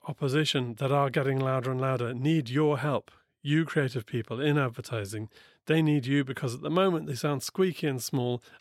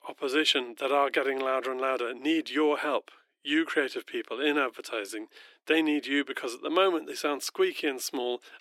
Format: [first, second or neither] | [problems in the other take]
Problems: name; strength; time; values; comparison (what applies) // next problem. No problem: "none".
first | thin; somewhat; fading below 300 Hz